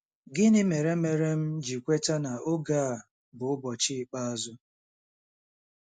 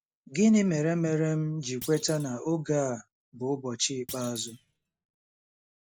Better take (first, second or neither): first